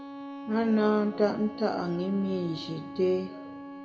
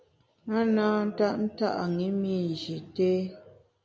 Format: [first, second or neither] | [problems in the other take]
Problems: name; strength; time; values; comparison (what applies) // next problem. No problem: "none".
second | background sound (Bowed string instrument); 12 dB below the speech // room echo; dies away in 1.9 s